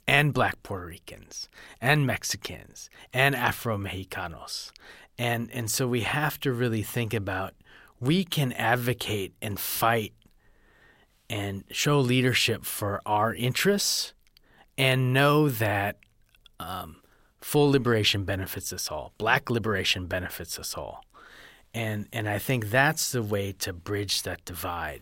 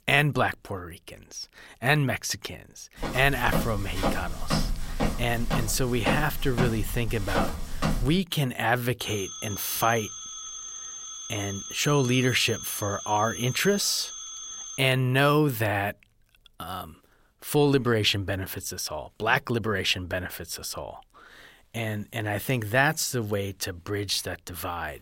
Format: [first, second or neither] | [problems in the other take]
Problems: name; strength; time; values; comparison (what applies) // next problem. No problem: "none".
first | footsteps; noticeable; from 3 to 8 s; peak 3 dB below the speech // phone ringing; noticeable; from 9 to 15 s; peak 9 dB below the speech